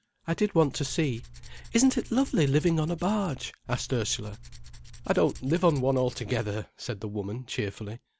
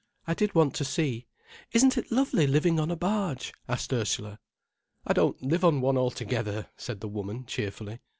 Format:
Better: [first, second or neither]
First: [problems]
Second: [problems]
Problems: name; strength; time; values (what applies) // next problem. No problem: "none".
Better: second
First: background sound (Tools); 16 dB below the speech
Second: none